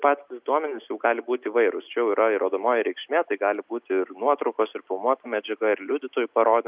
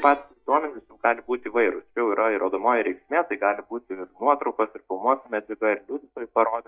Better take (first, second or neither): first